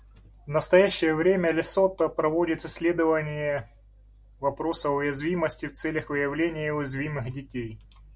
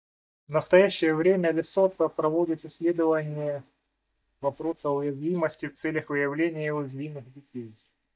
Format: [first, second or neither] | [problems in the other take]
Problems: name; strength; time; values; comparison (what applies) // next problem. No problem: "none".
first | noise reduction (neural mask model DeepFilterNet 3)